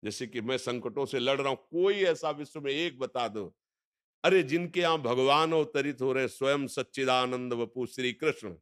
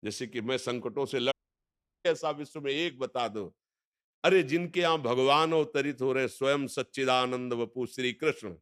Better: first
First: none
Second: audio cutting out; at 1.5 s for 0.5 s

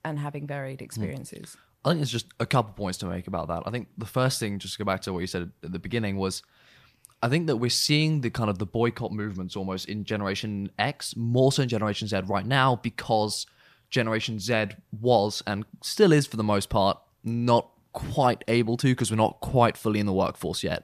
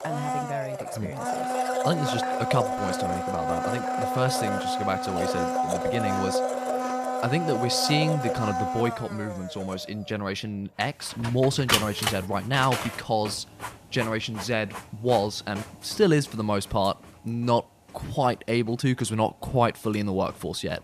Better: first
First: none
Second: household noises; loud; throughout; 2 dB below the speech

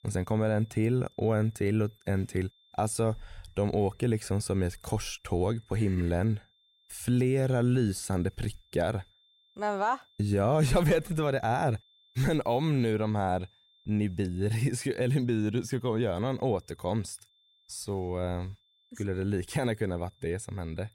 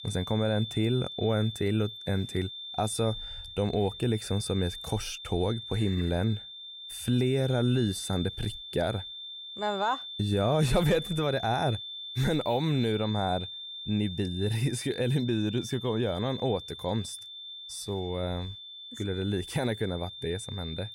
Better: first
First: high-pitched whine; faint; throughout; 3.5 kHz, 35 dB below the speech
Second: high-pitched whine; loud; throughout; 3.5 kHz, 9 dB below the speech

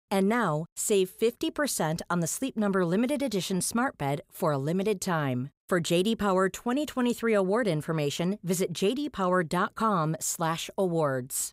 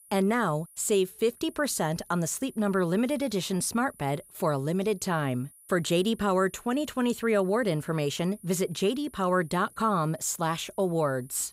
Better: first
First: none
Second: high-pitched whine; faint; throughout; 10 kHz, 25 dB below the speech

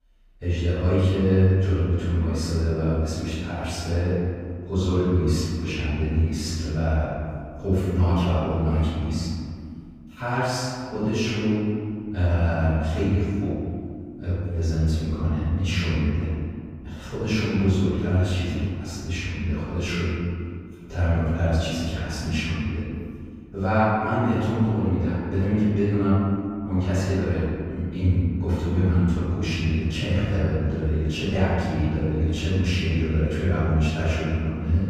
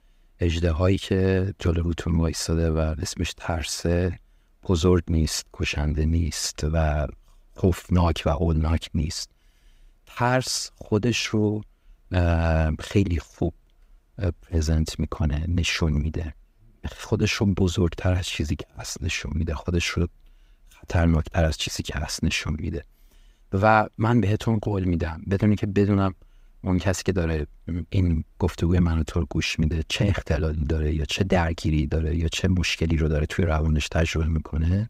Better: second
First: off-mic speech; far // room echo; strong; dies away in 2.2 s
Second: none

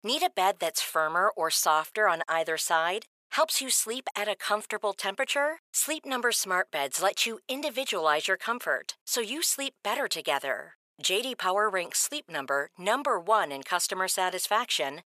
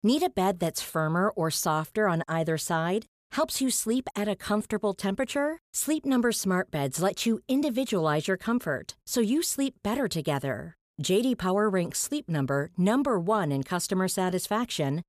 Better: second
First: thin; very; fading below 750 Hz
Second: none

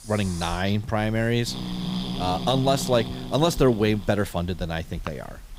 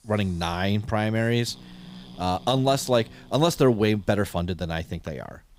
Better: second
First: hiss; loud; throughout; 9 dB below the speech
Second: hiss; faint; throughout; 25 dB below the speech

